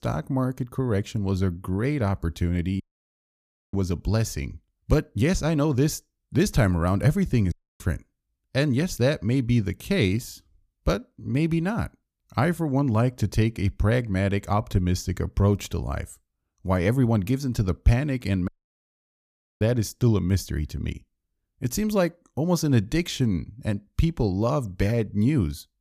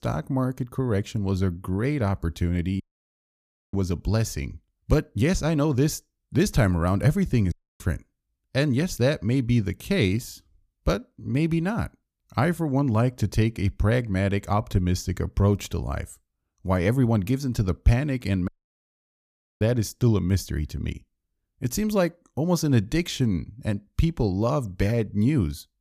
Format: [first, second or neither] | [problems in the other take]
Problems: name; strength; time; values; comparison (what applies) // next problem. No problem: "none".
neither | audio cutting out; at 3 s for 1 s, at 7.5 s and at 18 s for 1 s; the same in both